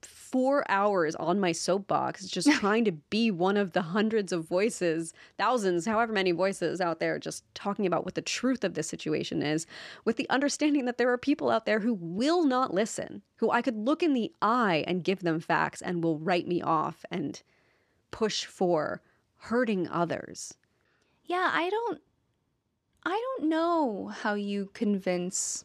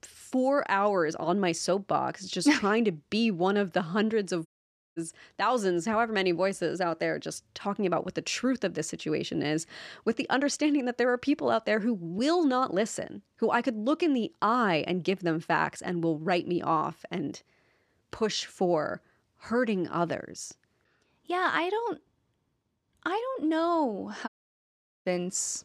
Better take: first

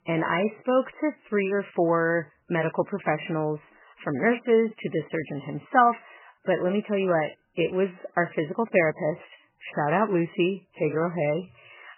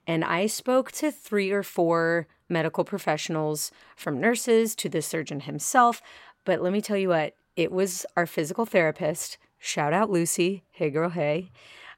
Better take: second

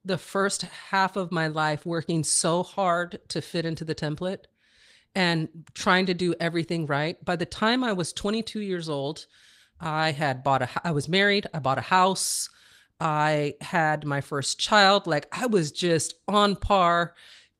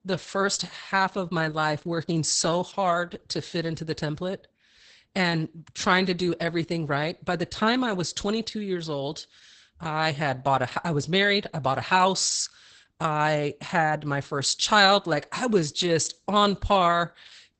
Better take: first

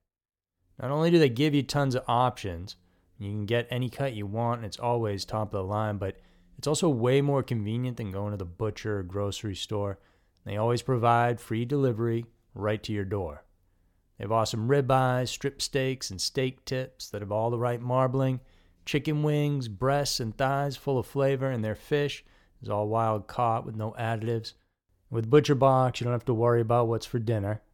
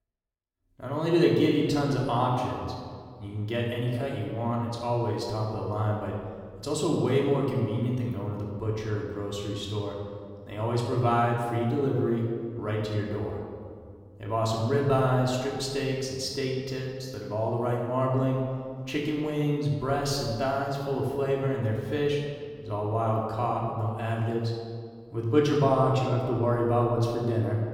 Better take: first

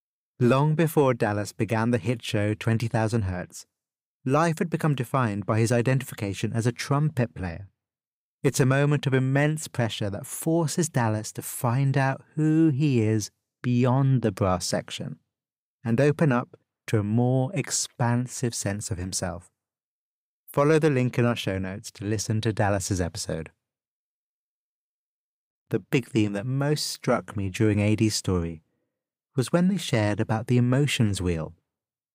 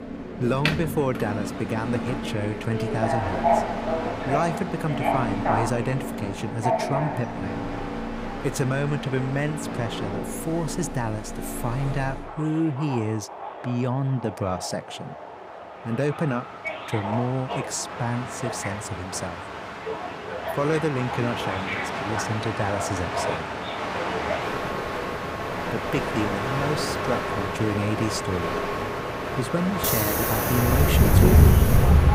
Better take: first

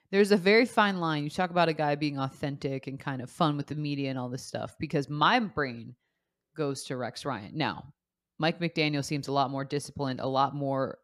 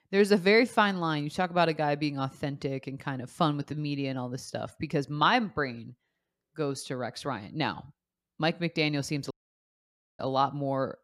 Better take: first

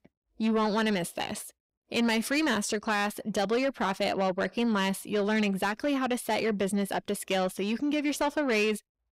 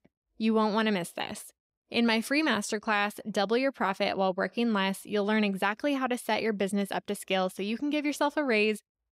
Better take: second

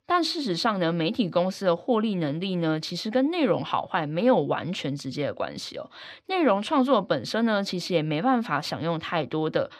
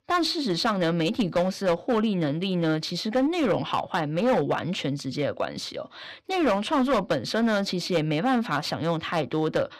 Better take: first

